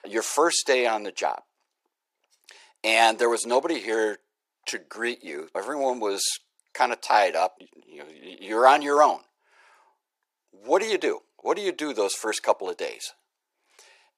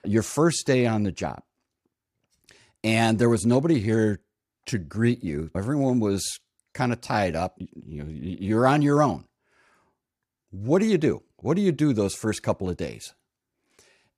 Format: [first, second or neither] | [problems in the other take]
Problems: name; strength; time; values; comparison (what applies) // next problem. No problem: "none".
second | thin; very; fading below 450 Hz